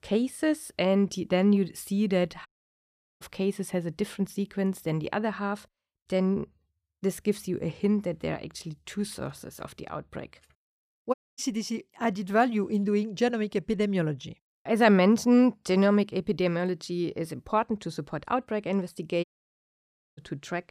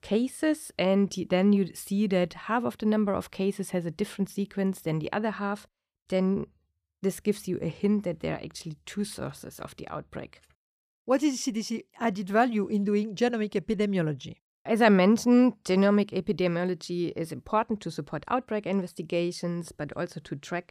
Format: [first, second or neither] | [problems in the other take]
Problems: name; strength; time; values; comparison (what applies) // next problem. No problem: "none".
second | audio cutting out; at 2.5 s for 0.5 s, at 11 s and at 19 s for 1 s